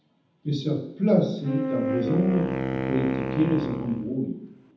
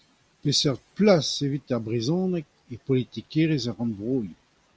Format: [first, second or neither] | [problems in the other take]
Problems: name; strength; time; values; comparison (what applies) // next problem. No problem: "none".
second | background sound (Wind instrument, woodwind instrument); 3 dB below the speech // room echo; dies away in 0.8 s